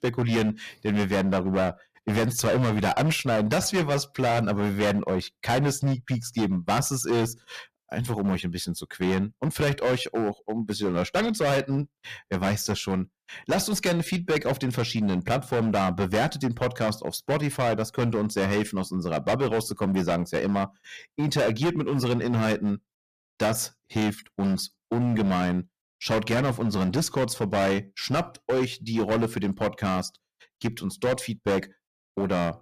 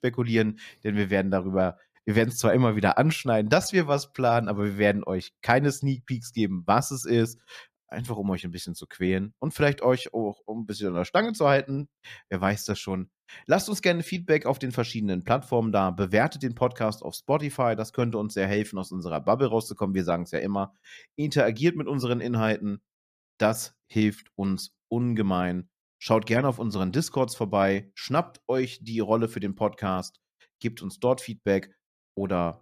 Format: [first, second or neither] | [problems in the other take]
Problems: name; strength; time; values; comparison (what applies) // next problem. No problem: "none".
second | distortion; heavy; 17% of the sound clipped